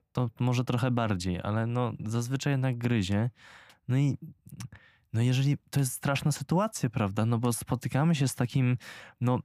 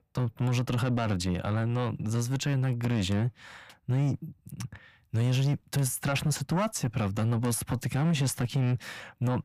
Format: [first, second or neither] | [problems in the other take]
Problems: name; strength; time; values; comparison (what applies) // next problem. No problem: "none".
first | distortion; slight; 10 dB below the speech